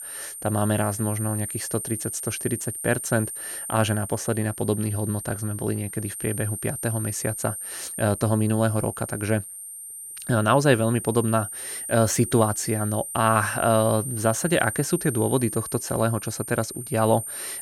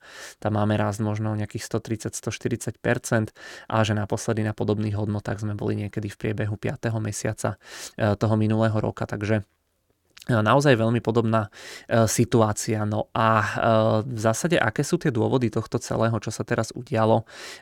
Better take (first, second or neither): second